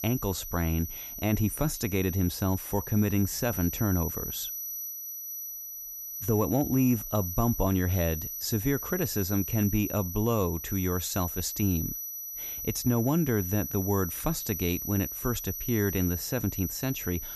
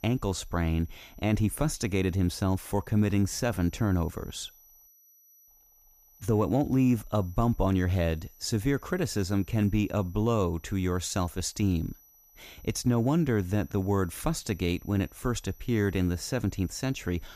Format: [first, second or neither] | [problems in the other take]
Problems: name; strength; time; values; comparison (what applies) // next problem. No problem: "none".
second | high-pitched whine; loud; throughout; 12 kHz, 6 dB below the speech; faint in the second